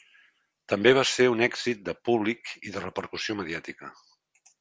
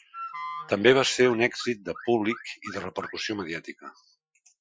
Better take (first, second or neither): first